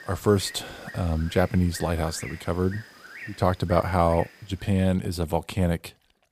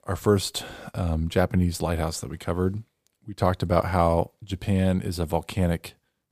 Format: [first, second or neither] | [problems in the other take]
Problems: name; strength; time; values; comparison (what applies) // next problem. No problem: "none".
second | animal sounds; noticeable; throughout; 20 dB below the speech